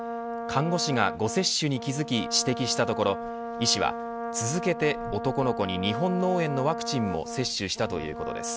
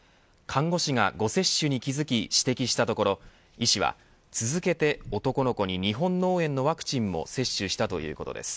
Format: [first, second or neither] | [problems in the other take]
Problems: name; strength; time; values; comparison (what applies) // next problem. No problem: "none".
second | background sound (Brass instrument); 6 dB below the speech